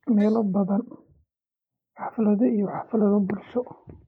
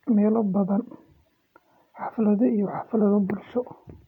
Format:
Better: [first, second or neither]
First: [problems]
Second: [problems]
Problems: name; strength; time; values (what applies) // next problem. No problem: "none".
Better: second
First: noise reduction (neural mask model Resemble Enhance denoiser)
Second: none